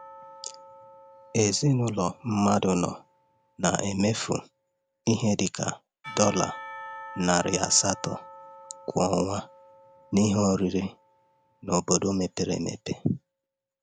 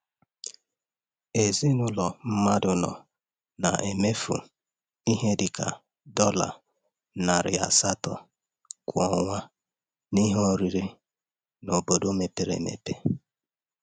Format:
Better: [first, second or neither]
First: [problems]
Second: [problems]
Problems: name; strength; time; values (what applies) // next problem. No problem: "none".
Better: second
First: background sound (Church bell / Percussion); 19 dB below the speech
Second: none